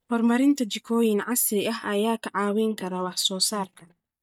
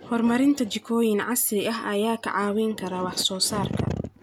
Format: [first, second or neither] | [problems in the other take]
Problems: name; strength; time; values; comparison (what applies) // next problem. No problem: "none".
second | noise reduction (neural mask model DeepFilterNet 3)